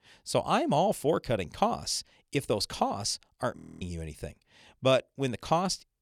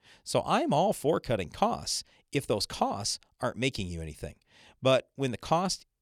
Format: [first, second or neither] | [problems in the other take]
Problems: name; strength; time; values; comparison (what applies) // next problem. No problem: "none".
second | audio freezing; at 3.5 s